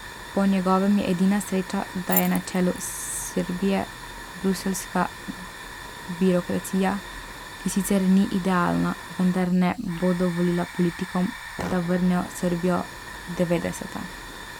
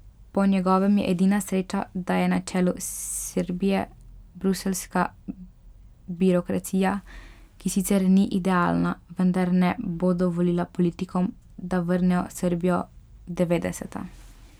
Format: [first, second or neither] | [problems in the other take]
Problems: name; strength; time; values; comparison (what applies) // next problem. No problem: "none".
second | background sound (Keys jangling + Hiss / Fire); 12 dB below the speech